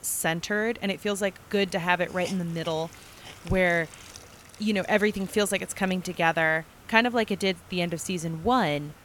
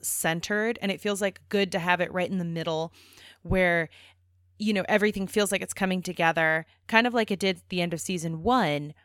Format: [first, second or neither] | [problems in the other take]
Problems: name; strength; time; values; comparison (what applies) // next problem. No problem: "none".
second | hiss; faint; throughout; 20 dB below the speech